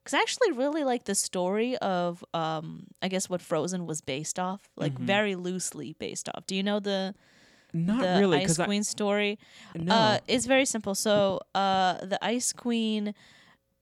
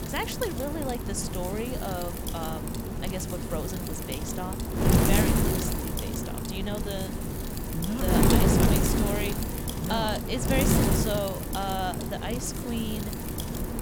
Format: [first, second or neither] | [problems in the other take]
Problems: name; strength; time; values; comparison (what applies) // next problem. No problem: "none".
first | wind noise on the microphone; heavy; as loud as the speech